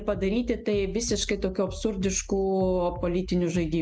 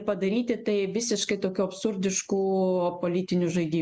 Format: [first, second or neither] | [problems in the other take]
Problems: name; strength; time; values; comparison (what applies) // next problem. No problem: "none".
second | background sound (Bass drum); 12 dB below the speech